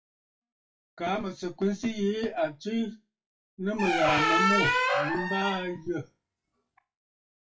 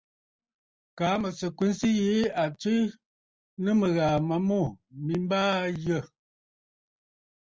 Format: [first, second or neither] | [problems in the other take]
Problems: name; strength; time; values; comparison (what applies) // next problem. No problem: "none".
second | noise reduction (classical method WPE with log-MMSE)